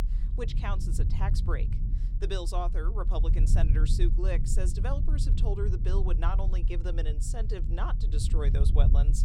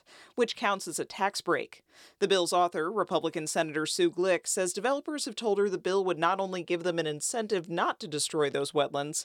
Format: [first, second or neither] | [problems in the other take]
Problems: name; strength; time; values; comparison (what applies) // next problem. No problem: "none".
second | low rumble; loud; throughout; 8 dB below the speech